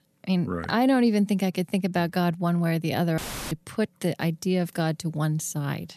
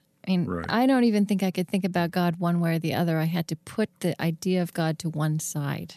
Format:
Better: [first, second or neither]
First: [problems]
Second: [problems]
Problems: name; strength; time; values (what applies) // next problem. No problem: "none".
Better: second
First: audio cutting out; filled with static; at 3 s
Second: none